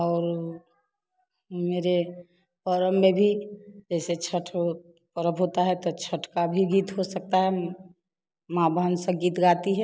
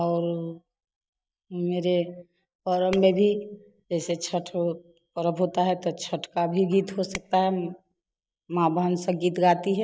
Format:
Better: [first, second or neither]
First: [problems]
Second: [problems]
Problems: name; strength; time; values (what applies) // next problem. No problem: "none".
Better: first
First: none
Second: noise reduction (neural mask model DeepFilterNet 3)